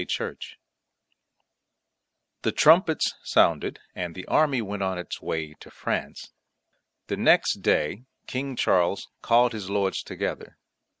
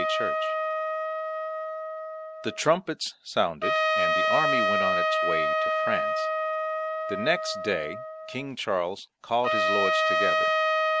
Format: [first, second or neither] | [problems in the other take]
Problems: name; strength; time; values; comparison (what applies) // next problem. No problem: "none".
first | background sound (Trumpet); 5 dB above the speech